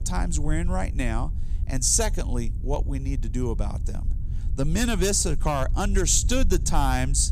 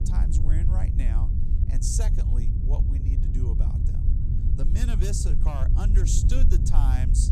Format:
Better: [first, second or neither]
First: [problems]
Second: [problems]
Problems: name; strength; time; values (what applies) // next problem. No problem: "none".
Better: first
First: low rumble; faint; throughout; 20 dB below the speech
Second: low rumble; loud; throughout; 4 dB below the speech